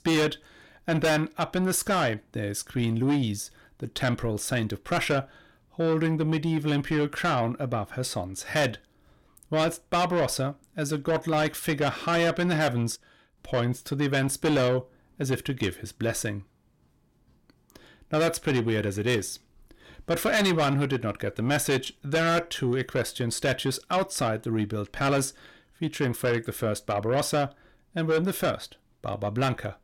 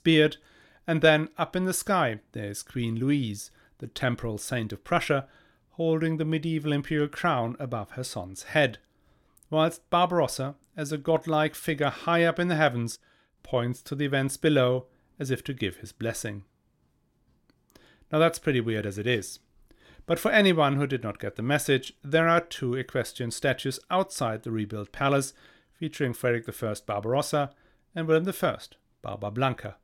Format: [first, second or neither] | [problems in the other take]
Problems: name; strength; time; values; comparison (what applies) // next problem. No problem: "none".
second | distortion; heavy; 7 dB below the speech